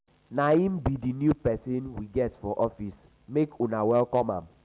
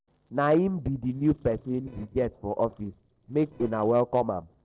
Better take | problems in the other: first | noise reduction (neural separator model SepFormer DNS4)

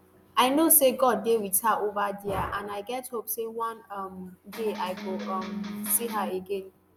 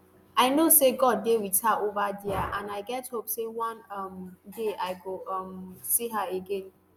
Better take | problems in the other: second | background sound (Electric guitar); 8 dB below the speech

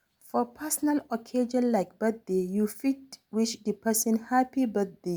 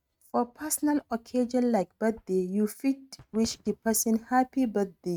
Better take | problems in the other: first | noise reduction (neural mask model RNNoise)

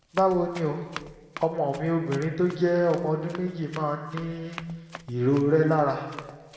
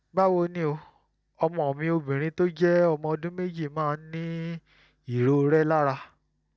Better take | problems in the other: second | background sound (Run); 19 dB below the speech // room echo; dies away in 1.6 s

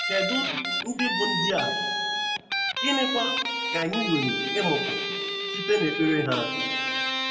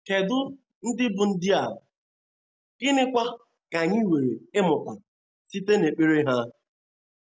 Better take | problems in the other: second | background sound (Guitar); 1 dB above the speech // room echo; dies away in 2 s

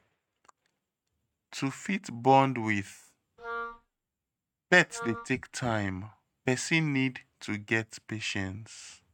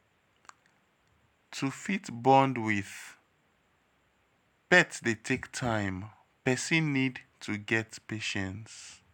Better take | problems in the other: second | noise reduction (neural mask model RNNoise)

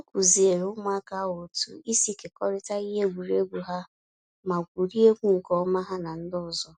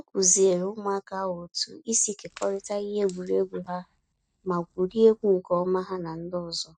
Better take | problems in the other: first | noise reduction (neural mask model DeepFilterNet 3)

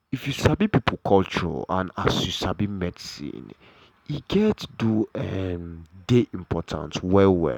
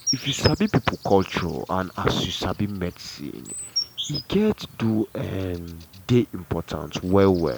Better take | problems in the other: first | background sound (Insect); 12 dB below the speech

